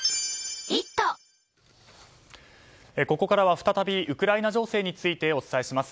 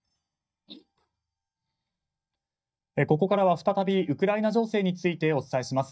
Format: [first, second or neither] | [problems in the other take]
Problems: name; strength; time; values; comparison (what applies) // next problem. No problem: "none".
first | noise reduction (neural mask model DeepFilterNet 3)